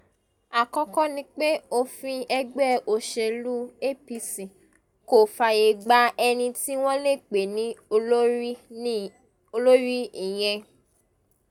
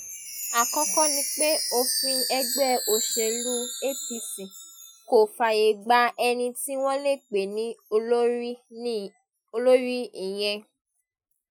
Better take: first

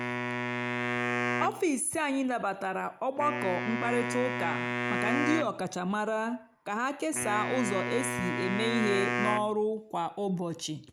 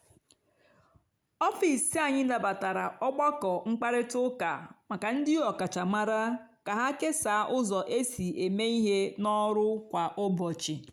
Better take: second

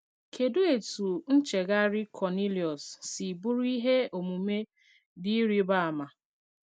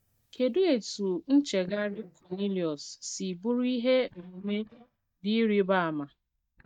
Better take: first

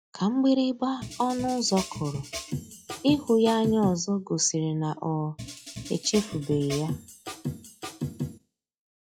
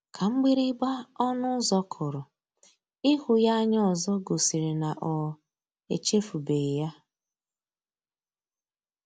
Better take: second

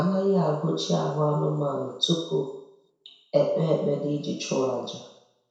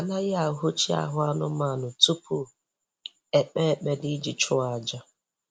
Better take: second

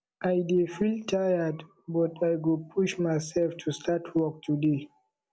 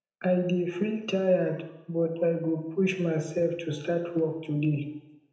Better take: first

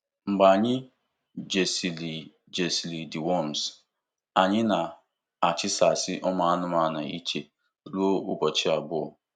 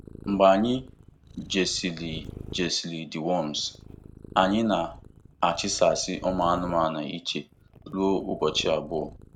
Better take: first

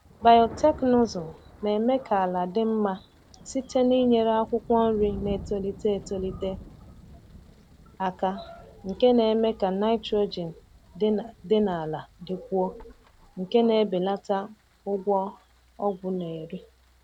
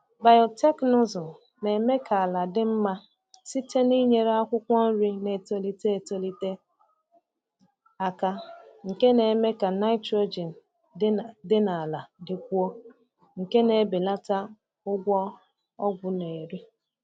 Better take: second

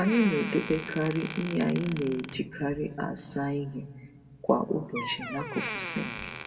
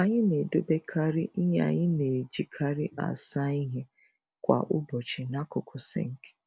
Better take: second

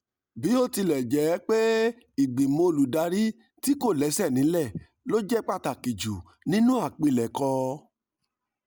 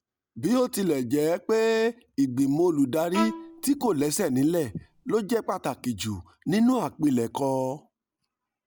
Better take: first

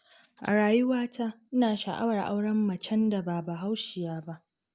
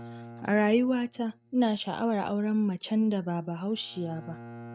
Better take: first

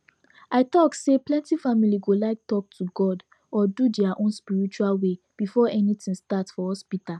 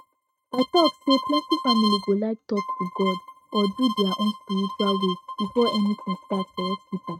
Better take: first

